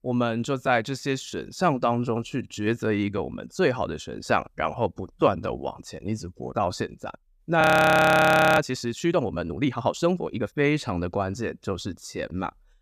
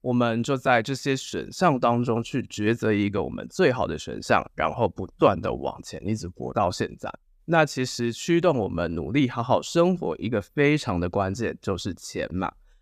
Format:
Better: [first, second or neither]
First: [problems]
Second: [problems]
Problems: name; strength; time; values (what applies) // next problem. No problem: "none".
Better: second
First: audio freezing; at 7.5 s for 1 s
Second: none